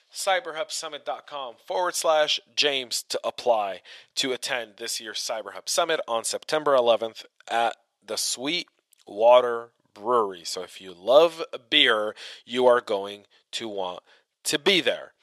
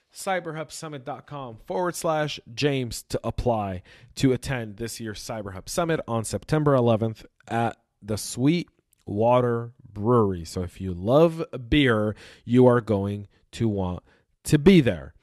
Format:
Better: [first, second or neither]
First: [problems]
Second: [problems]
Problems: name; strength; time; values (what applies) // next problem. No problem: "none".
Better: second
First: thin; very; fading below 650 Hz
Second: none